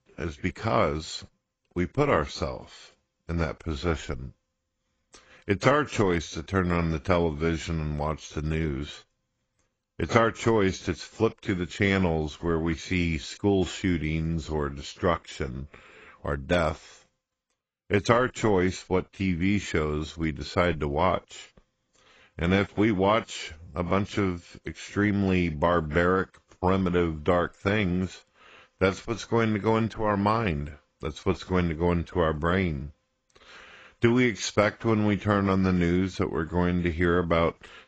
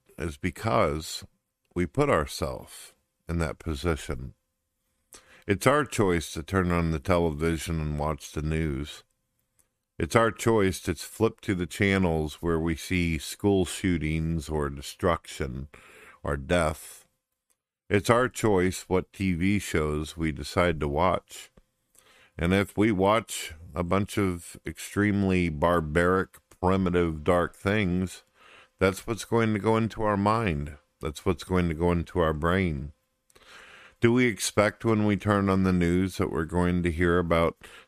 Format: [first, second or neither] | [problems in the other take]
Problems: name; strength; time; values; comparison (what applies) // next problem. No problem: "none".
second | garbled, watery; badly; nothing above 7.5 kHz